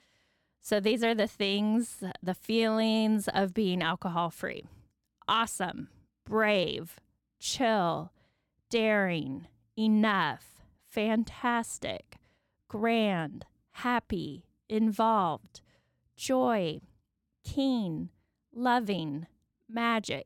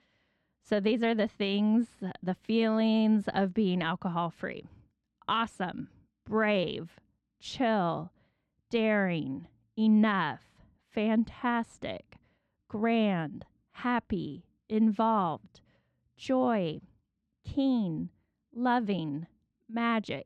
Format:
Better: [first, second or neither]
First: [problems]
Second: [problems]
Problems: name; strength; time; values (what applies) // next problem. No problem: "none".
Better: first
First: none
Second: muffled; very slightly; fading above 3.5 kHz